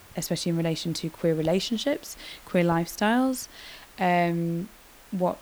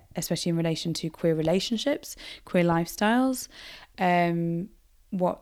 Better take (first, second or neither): second